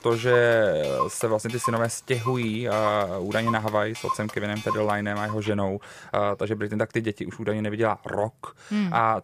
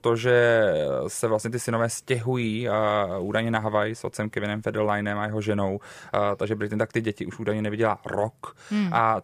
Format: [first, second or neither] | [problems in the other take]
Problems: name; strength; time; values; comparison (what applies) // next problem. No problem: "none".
second | household noises; loud; until 5 s; 9 dB below the speech